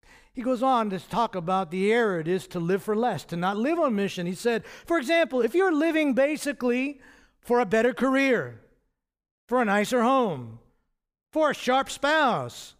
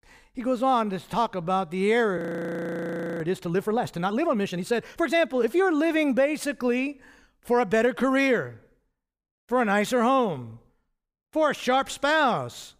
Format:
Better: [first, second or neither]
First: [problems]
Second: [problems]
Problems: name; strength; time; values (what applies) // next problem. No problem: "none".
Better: first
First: none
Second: audio freezing; at 2 s for 1 s